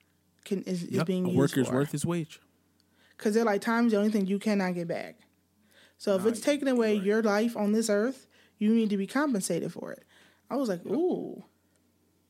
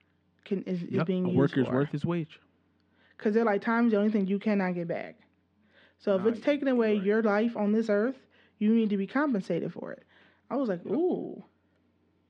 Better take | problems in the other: first | muffled; slightly; fading above 3 kHz

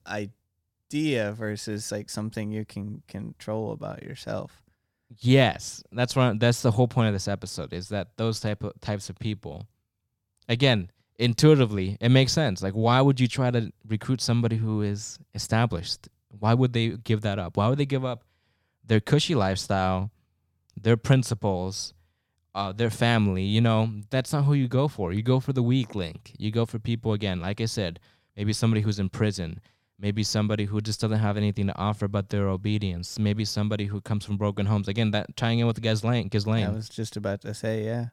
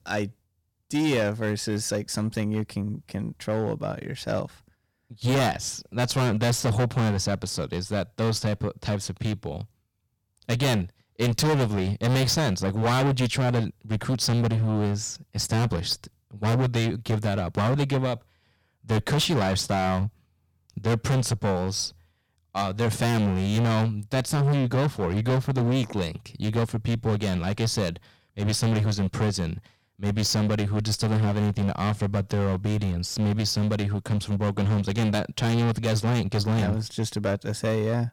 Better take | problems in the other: first | distortion; heavy; 16% of the sound clipped

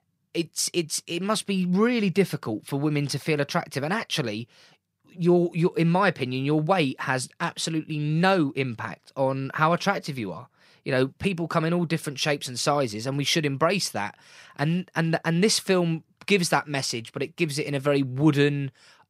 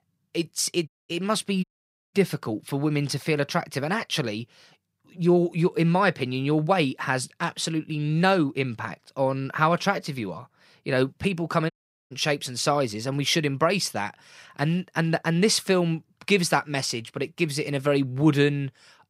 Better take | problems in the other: first | audio cutting out; at 1 s, at 1.5 s and at 12 s

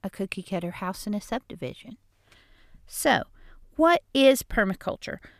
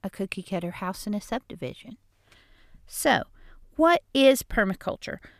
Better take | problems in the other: neither | none

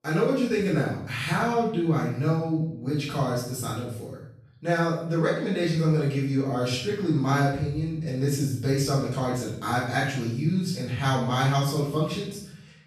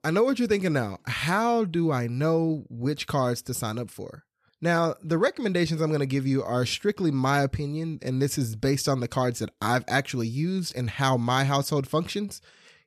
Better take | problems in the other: second | room echo; noticeable; dies away in 0.7 s // off-mic speech; far

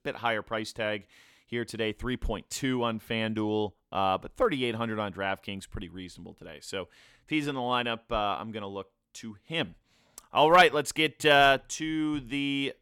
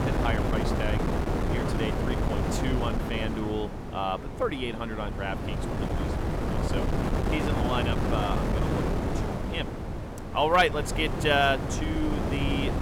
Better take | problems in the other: first | wind noise on the microphone; heavy; 4 dB below the speech

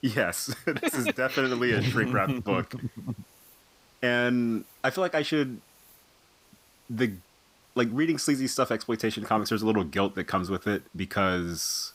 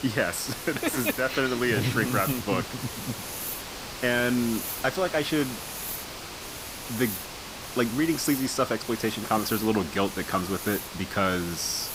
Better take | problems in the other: first | hiss; loud; throughout; 7 dB below the speech; faint in the first

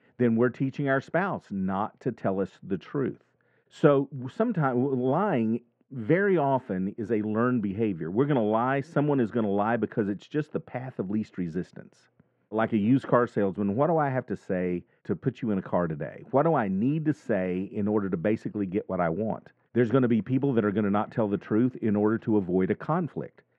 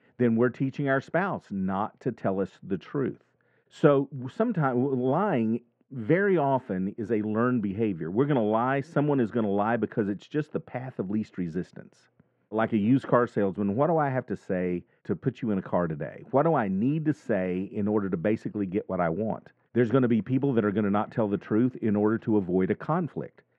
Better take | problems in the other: neither | muffled; very; fading above 1.5 kHz; the same in both

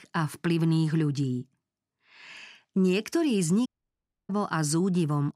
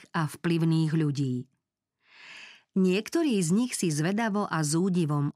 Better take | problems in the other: second | audio cutting out; at 3.5 s for 0.5 s

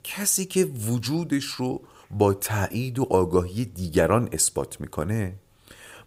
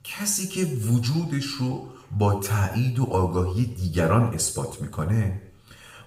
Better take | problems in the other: first | room echo; slight; dies away in 0.7 s // off-mic speech; somewhat distant

